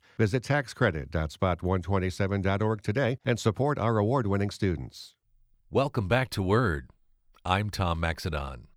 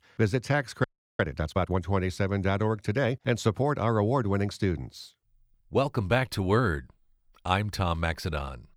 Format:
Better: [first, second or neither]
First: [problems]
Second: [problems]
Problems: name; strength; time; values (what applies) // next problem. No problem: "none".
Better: first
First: none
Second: audio freezing; at 1 s